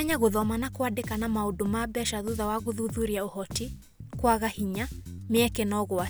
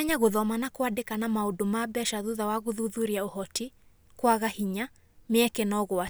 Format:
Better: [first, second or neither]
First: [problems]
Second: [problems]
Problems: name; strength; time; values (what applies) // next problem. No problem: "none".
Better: second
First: background sound (Bass guitar); 10 dB below the speech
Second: none